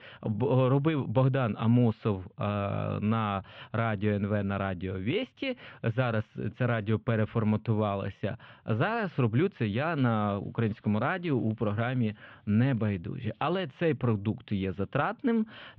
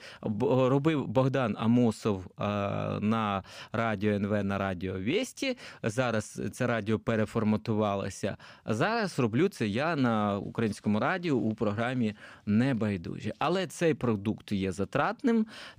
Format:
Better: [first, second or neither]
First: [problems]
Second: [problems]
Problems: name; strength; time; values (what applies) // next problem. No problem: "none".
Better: second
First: muffled; very; fading above 3.5 kHz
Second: none